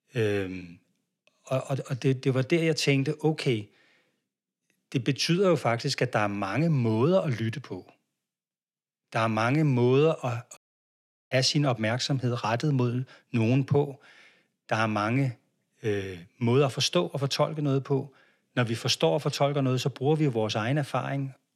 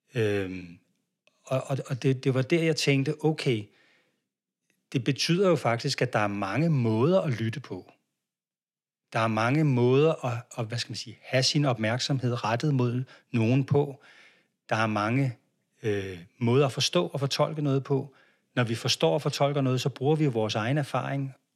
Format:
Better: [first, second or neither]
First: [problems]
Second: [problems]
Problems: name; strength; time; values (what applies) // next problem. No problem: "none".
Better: second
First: audio cutting out; at 11 s for 0.5 s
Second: none